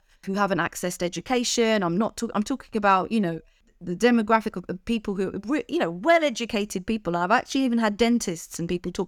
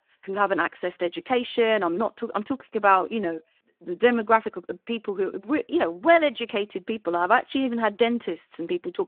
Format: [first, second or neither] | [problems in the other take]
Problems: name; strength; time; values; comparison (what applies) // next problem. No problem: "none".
first | phone-call audio